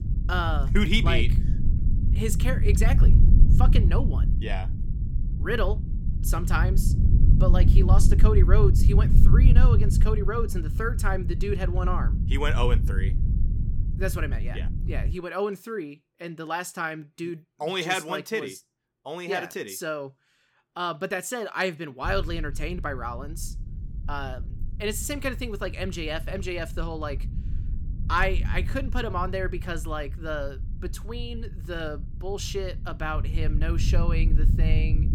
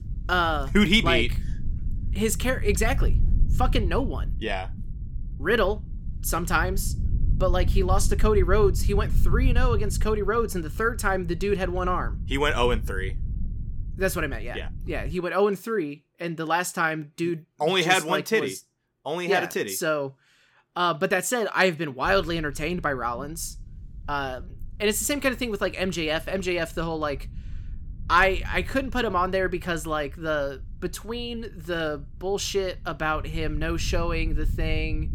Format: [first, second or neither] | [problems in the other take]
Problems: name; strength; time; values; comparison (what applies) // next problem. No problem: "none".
second | low rumble; loud; until 15 s and from 22 s on; 9 dB below the speech; faint in the second